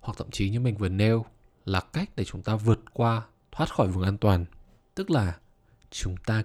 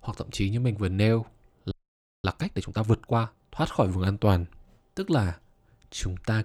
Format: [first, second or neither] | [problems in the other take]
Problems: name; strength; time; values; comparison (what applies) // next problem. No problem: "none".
first | audio freezing; at 1.5 s for 0.5 s